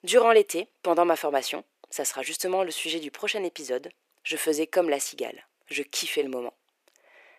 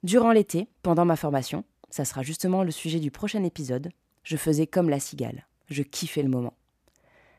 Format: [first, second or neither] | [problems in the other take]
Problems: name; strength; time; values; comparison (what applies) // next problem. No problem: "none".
second | thin; very; fading below 400 Hz